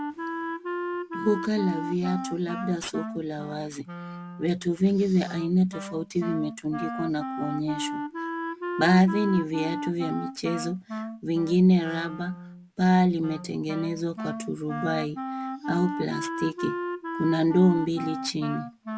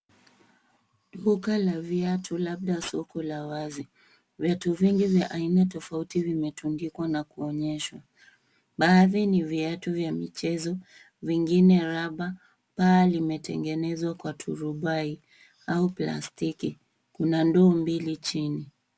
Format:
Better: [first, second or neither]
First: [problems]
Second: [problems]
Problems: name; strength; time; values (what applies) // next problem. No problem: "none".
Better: second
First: background sound (Wind instrument, woodwind instrument); 8 dB below the speech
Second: none